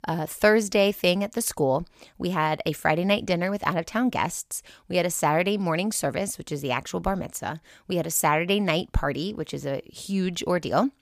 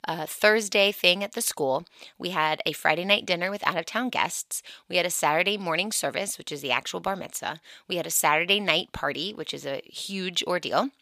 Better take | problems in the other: first | thin; very slightly; fading below 950 Hz

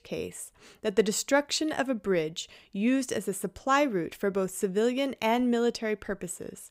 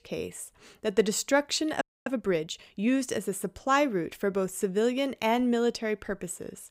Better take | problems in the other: first | audio freezing; at 2 s

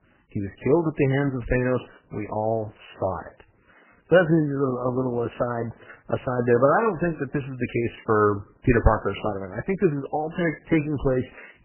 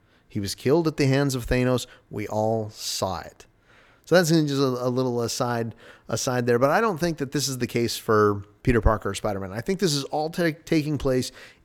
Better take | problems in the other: second | garbled, watery; badly; nothing above 3 kHz

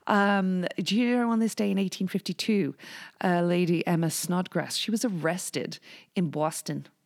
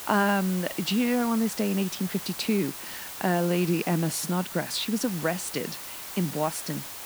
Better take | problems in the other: first | hiss; loud; throughout; 9 dB below the speech

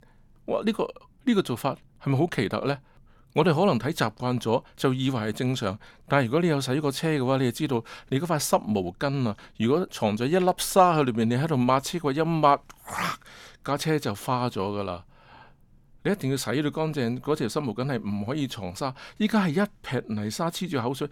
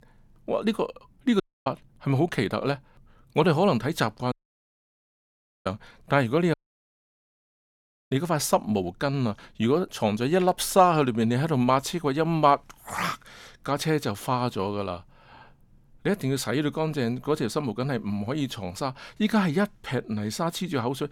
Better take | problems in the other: first | audio cutting out; at 1.5 s, at 4.5 s for 1.5 s and at 6.5 s for 1.5 s

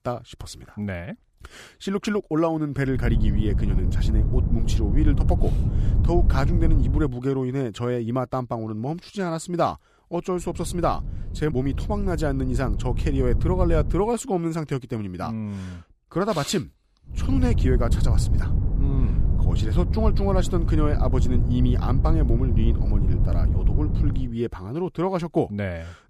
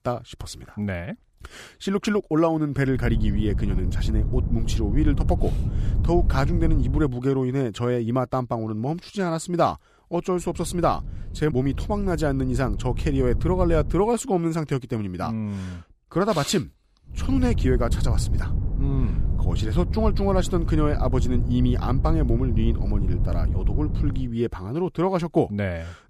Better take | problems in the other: second | wind noise on the microphone; heavy; from 3 to 7 s, from 10 to 14 s and from 17 to 24 s; 9 dB below the speech; occasional gusts in the second

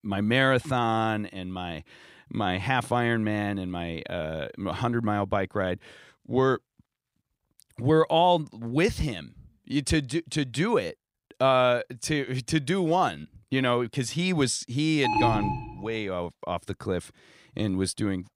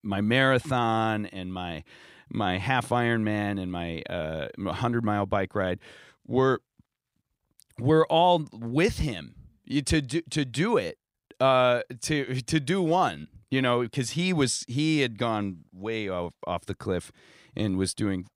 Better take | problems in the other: second | alarm; loud; at 15 s; peak 2 dB above the speech

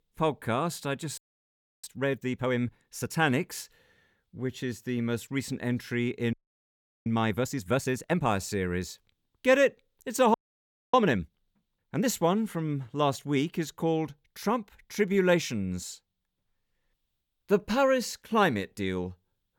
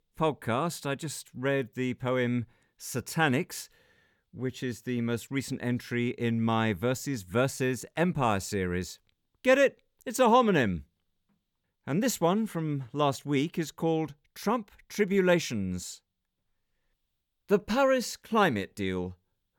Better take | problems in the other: second | audio freezing; at 1 s for 0.5 s, at 6.5 s for 0.5 s and at 10 s for 0.5 s

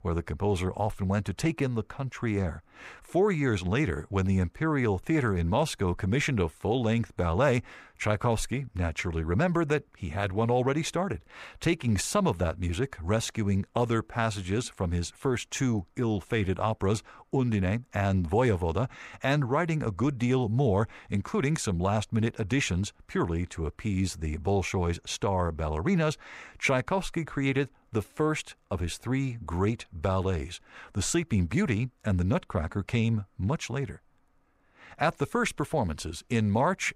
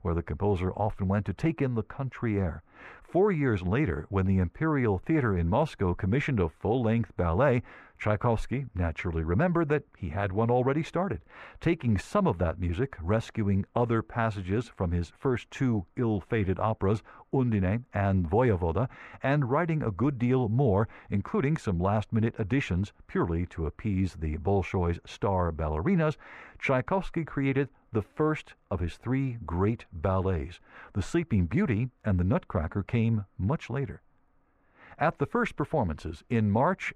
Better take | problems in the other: first | muffled; very; fading above 3.5 kHz

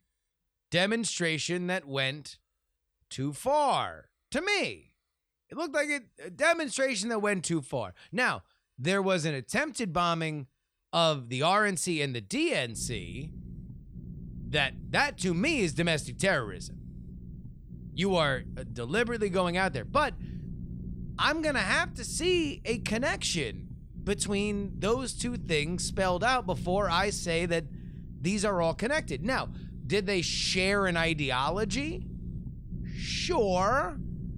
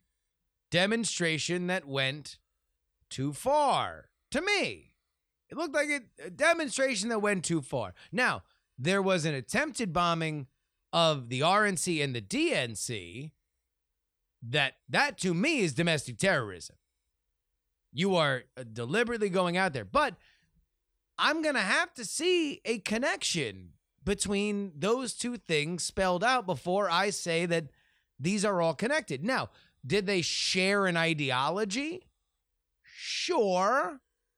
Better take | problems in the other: second | low rumble; faint; from 13 s on; 25 dB below the speech

